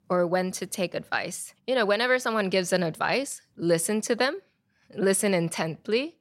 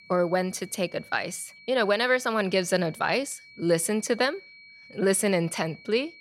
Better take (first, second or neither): first